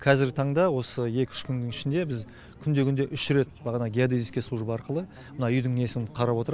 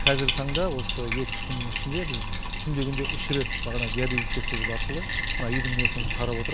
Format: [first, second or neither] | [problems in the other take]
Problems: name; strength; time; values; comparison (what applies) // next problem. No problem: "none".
first | background sound (Bathtub (filling or washing)); 3 dB above the speech